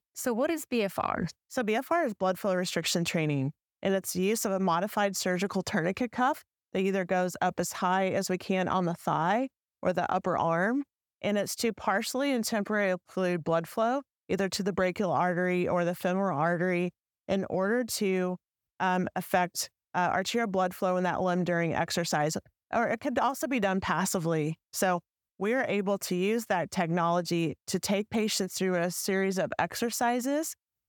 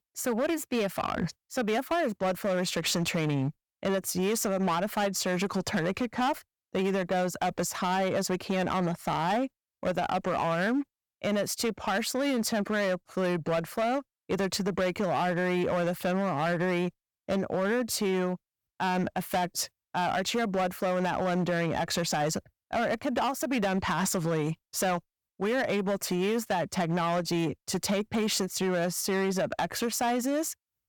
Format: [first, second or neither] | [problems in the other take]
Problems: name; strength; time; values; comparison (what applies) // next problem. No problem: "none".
first | distortion; slight; 12% of the sound clipped